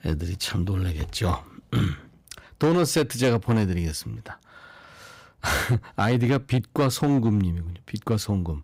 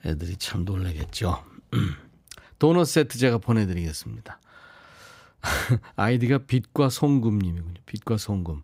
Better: second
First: distortion; slight; 6% of the sound clipped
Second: none

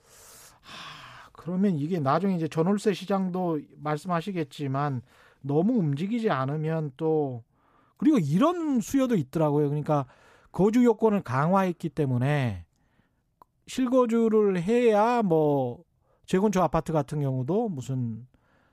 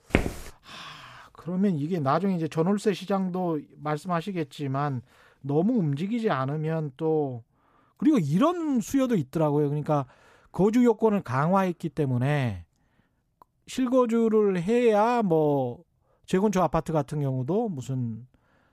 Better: first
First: none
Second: footsteps; noticeable; at the start; peak 2 dB below the speech

